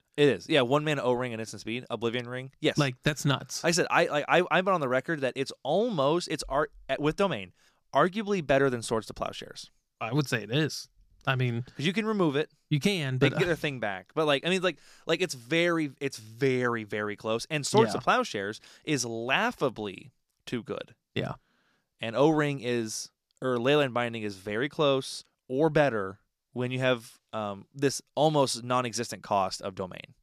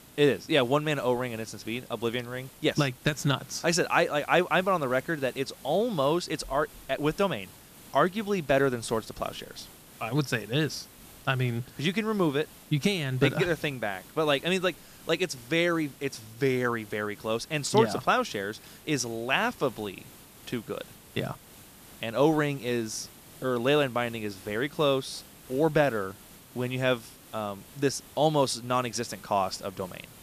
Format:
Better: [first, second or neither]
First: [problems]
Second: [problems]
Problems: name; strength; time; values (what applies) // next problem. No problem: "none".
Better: first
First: none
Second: hiss; faint; throughout; 20 dB below the speech